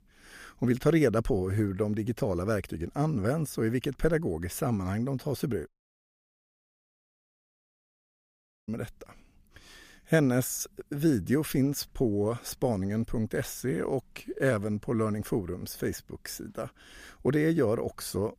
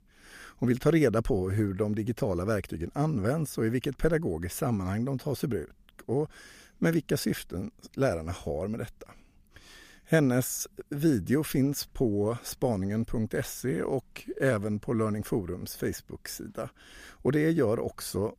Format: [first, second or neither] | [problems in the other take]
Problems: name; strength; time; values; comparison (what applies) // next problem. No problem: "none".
second | audio cutting out; at 5.5 s for 3 s